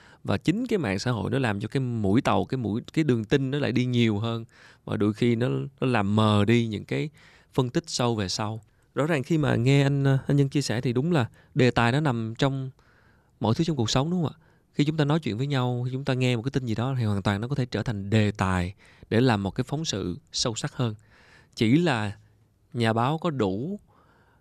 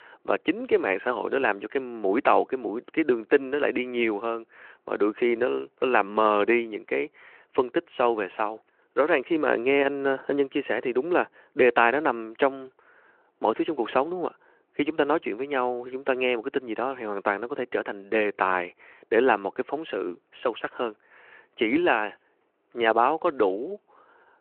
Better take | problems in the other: first | phone-call audio

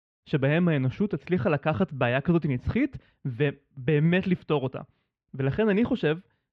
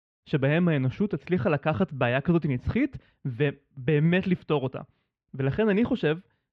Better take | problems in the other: neither | muffled; very; fading above 2.5 kHz; the same in both

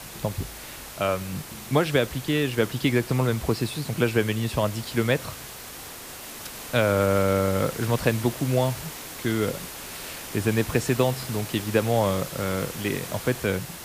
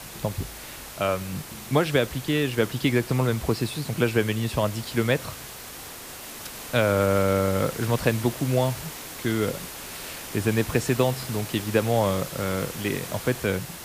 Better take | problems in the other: neither | hiss; noticeable; throughout; 10 dB below the speech; the same in both

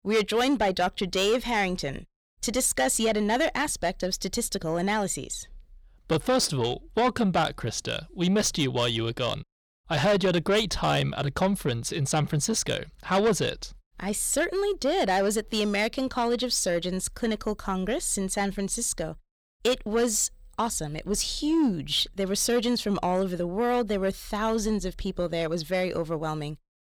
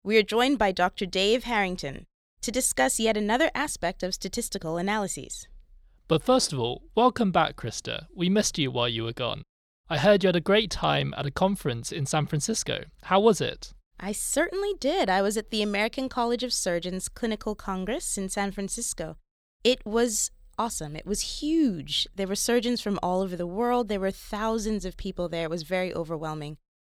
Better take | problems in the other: second | distortion; slight; 10 dB below the speech

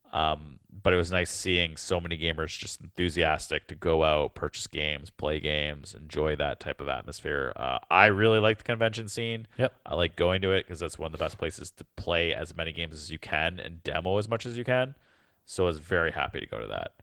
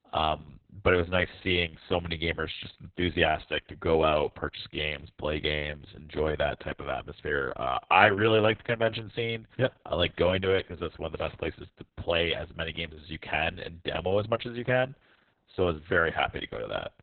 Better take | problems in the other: first | garbled, watery; badly; nothing above 3.5 kHz; slightly in the first

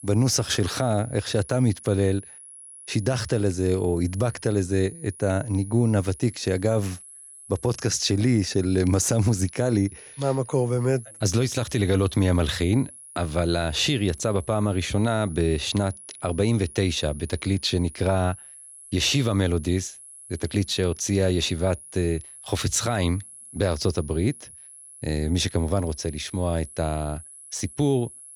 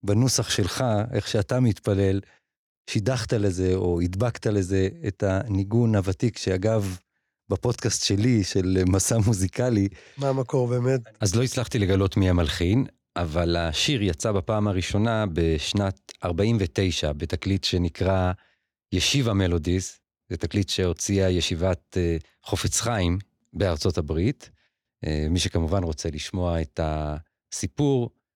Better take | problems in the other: second | high-pitched whine; noticeable; throughout; 10.5 kHz, 15 dB below the speech

